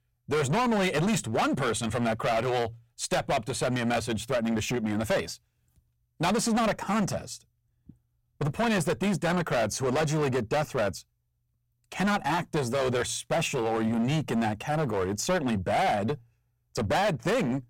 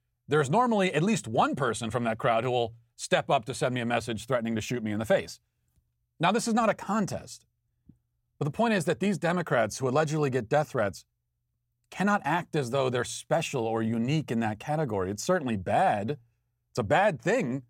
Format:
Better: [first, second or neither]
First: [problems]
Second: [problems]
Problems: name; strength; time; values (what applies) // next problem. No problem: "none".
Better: second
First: distortion; heavy; 17% of the sound clipped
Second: none